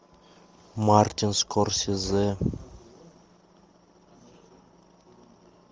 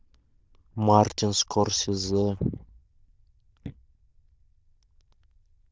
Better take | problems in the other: first | noise reduction (neural diffusion model UNIVERSE++)

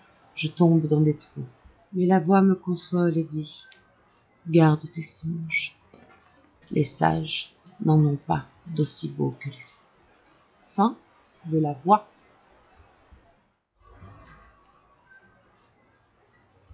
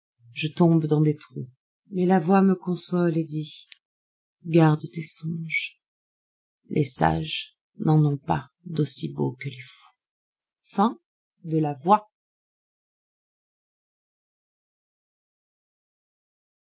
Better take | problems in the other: second | noise reduction (classical method log-MMSE)

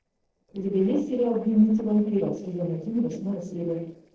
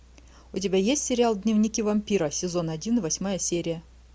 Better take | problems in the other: second | noise reduction (neural separator model SepFormer DNS4)

